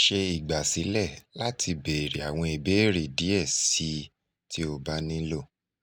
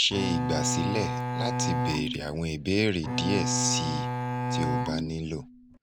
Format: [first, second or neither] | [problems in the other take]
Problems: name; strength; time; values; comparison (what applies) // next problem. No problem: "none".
first | background sound (Bowed string instrument); as loud as the speech